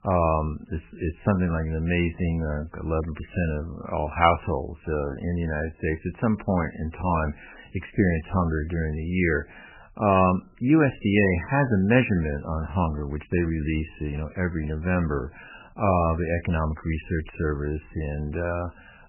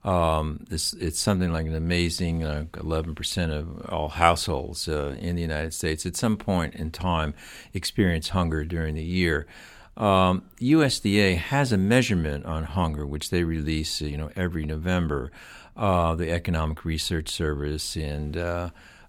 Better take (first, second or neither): second